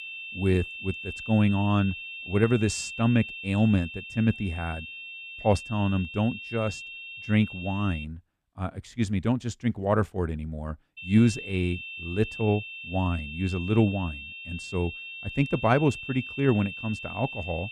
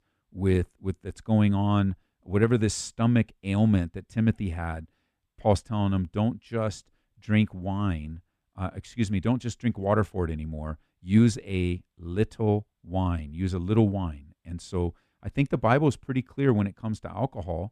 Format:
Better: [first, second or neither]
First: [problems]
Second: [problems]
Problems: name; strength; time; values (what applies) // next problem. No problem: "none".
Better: second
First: high-pitched whine; loud; until 8 s and from 11 s on; 2.5 kHz, 10 dB below the speech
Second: none